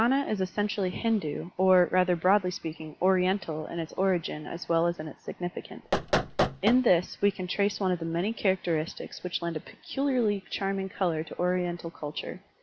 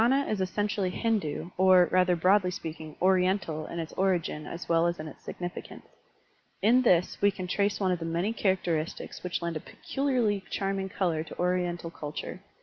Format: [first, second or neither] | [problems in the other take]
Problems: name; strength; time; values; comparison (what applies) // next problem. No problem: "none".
second | background sound (Knock); 1 dB below the speech